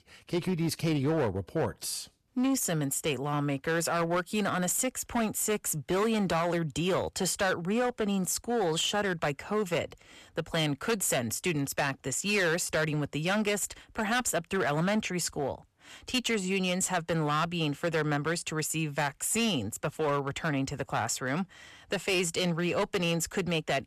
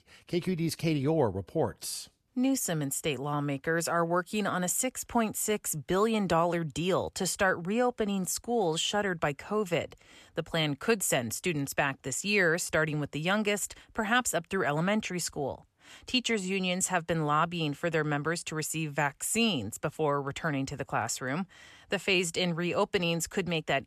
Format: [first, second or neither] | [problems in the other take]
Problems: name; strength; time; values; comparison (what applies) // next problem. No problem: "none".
second | distortion; slight; 10% of the sound clipped